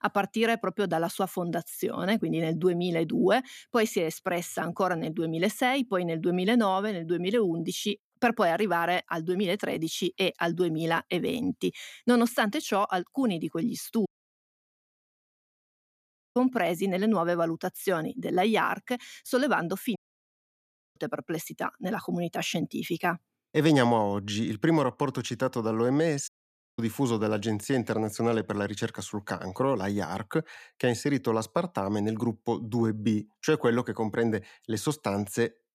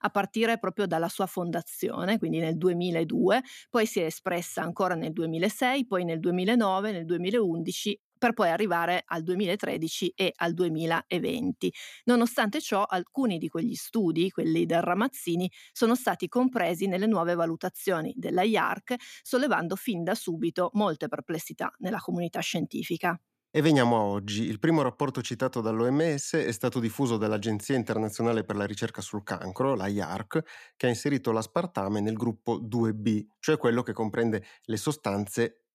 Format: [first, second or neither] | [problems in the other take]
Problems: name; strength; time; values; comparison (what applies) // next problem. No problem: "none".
second | audio cutting out; at 14 s for 2.5 s, at 20 s for 1 s and at 26 s for 0.5 s